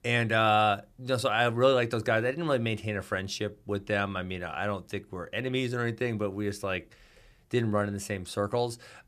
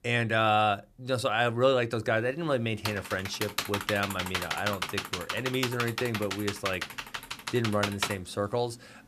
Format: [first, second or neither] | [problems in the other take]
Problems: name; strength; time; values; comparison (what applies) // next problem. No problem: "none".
first | keyboard typing; noticeable; from 3 to 8 s; peak 2 dB below the speech